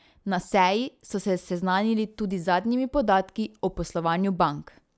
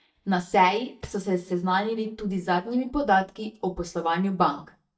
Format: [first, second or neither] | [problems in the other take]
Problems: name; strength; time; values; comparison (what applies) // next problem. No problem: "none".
first | noise reduction (neural mask model DeepFilterNet 3)